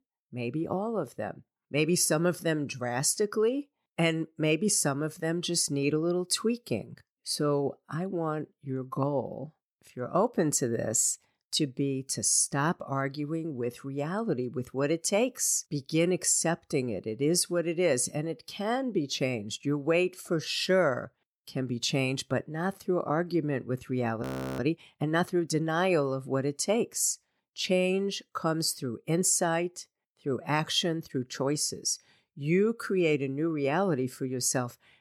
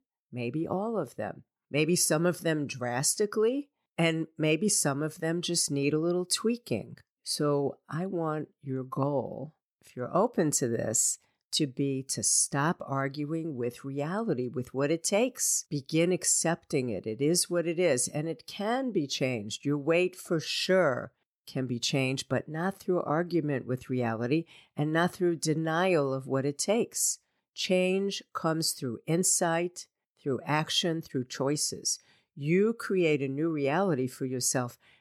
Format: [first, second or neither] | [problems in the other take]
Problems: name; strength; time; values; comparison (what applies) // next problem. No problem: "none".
second | audio freezing; at 24 s